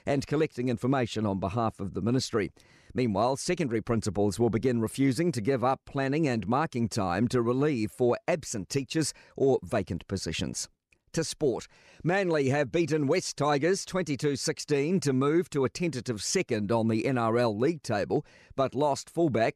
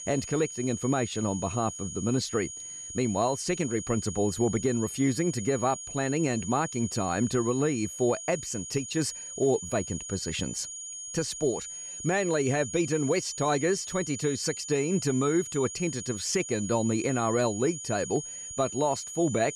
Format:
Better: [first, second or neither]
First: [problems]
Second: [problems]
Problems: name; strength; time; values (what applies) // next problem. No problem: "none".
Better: first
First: none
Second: high-pitched whine; loud; throughout; 6.5 kHz, 8 dB below the speech